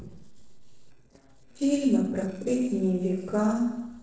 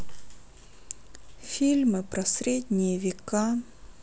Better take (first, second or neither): second